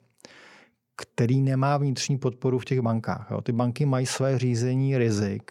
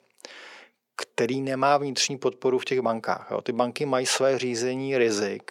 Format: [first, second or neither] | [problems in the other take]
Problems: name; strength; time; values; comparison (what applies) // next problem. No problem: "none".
first | thin; somewhat; fading below 450 Hz